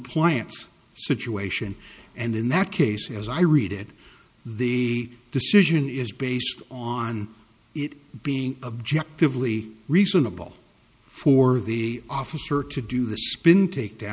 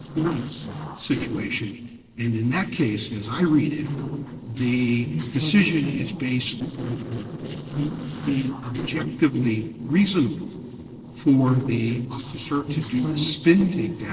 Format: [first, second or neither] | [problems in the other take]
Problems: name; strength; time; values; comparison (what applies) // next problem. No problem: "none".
first | noise reduction (neural separator model SepFormer DNS4)